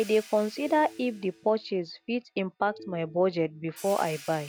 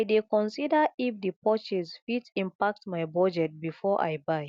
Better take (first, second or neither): second